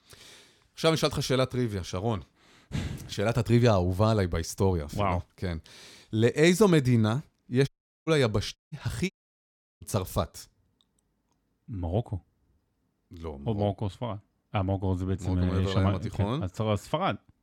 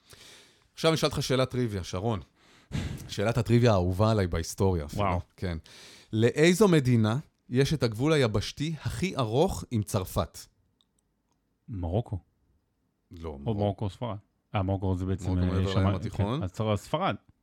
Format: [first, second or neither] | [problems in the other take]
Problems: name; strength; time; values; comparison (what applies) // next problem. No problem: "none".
second | audio cutting out; at 7.5 s, at 8.5 s and at 9 s for 0.5 s